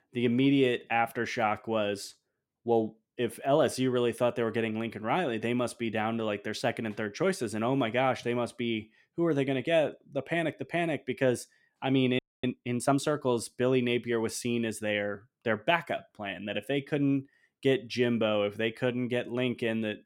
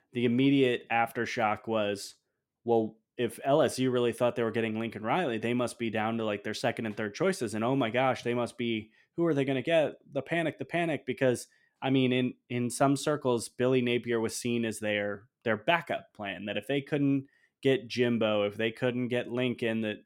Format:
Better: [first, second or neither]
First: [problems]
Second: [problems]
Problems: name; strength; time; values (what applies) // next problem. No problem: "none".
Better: second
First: audio freezing; at 12 s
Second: none